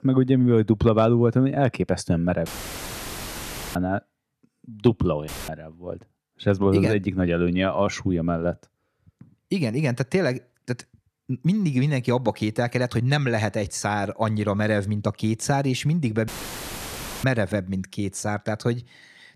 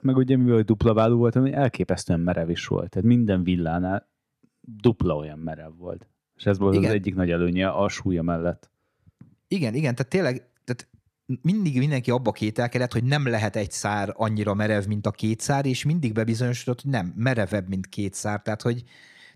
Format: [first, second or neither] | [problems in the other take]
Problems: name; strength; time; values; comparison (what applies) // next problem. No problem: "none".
second | audio cutting out; filled with static; at 2.5 s for 1.5 s, at 5.5 s and at 16 s for 1 s